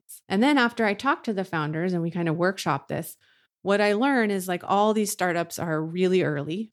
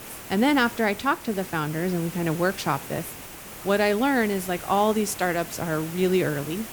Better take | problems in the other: first | hiss; noticeable; throughout; 10 dB below the speech

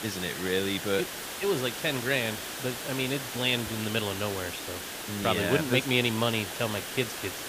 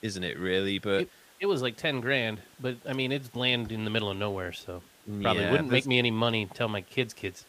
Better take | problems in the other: second | hiss; loud; throughout; 6 dB below the speech; faint in the second

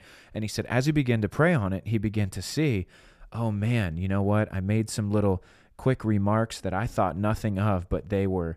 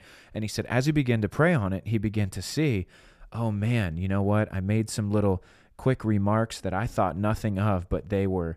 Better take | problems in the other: neither | none

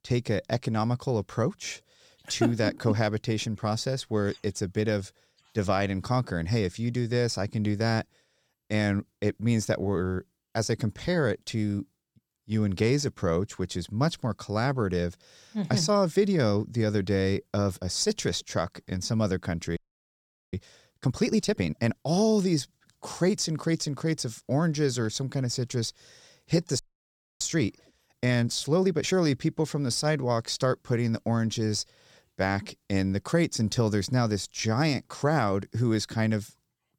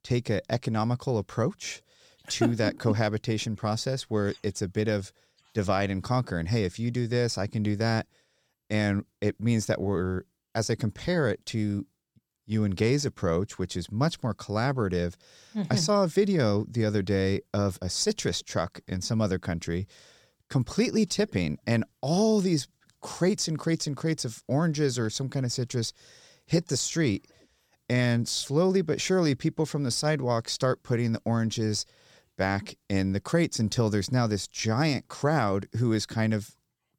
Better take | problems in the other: second | audio freezing; at 20 s for 1 s and at 27 s for 0.5 s

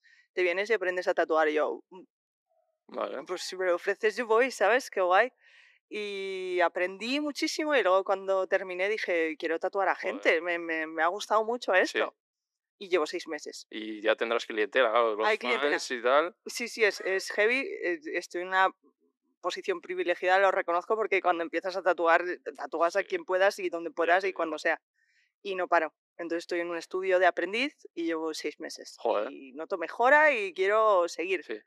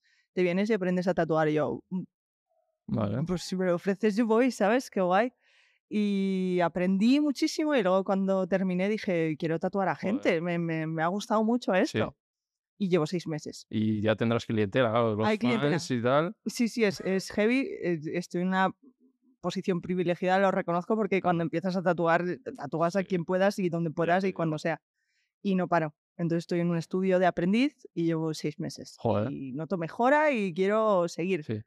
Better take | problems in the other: second | thin; very; fading below 350 Hz

